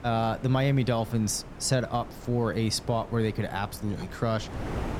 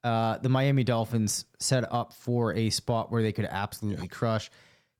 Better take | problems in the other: second | wind noise on the microphone; occasional gusts; 15 dB below the speech

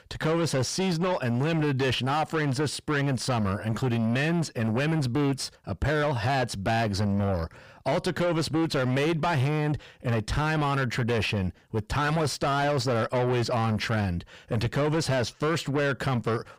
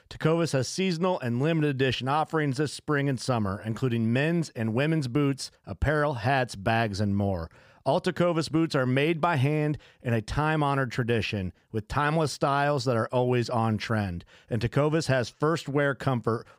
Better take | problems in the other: second | distortion; heavy; 7 dB below the speech

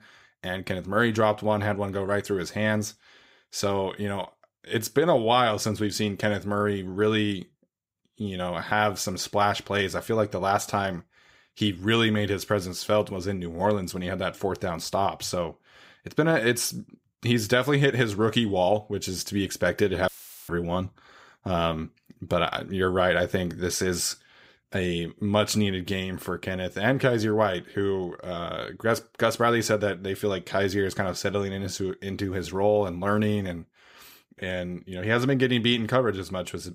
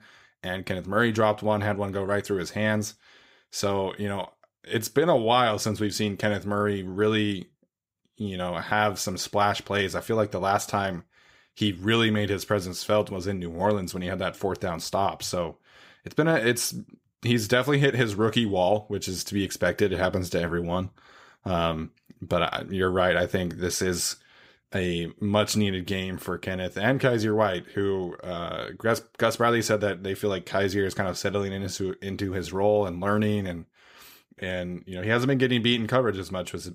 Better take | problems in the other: second | audio cutting out; filled with static; at 20 s

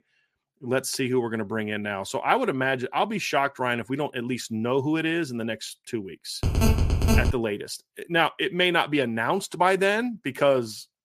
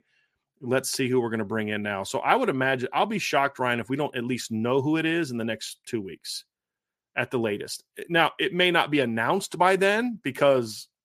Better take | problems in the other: second | phone ringing; loud; at 6.5 s; peak 3 dB above the speech

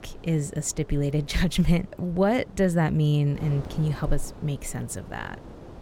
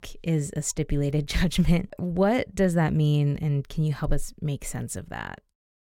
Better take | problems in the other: second | wind noise on the microphone; occasional gusts; 15 dB below the speech

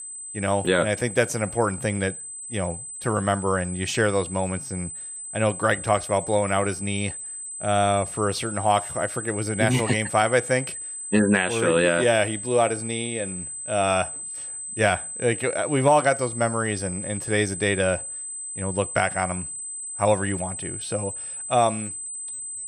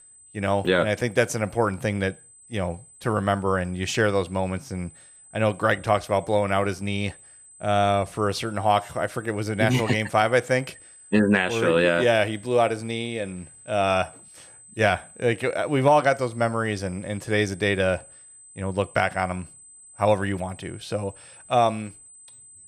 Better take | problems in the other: second | high-pitched whine; loud; throughout; 8 kHz, 7 dB below the speech; faint in the second

